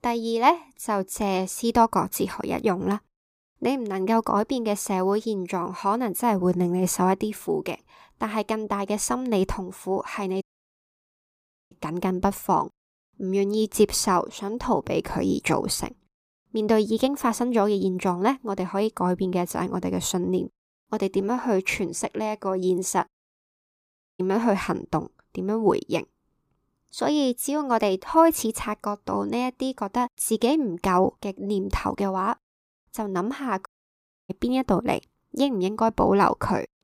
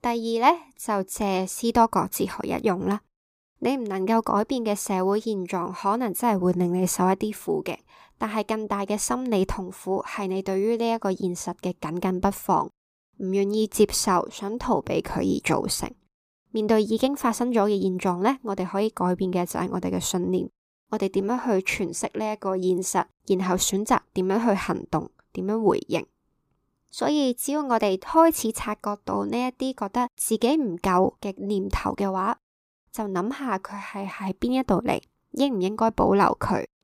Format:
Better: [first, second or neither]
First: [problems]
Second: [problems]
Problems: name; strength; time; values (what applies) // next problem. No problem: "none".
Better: second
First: audio cutting out; at 10 s for 1.5 s, at 23 s for 1 s and at 34 s for 0.5 s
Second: none